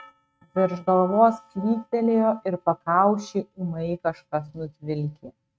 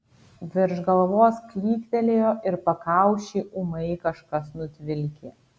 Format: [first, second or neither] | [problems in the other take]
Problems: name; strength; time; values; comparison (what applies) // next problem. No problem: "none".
second | noise reduction (neural mask model RNNoise)